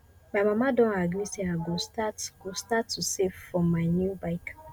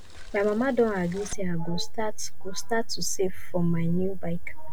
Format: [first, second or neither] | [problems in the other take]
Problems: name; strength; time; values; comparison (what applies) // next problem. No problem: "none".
first | background sound (Mechanisms / Bicycle); 2 dB above the speech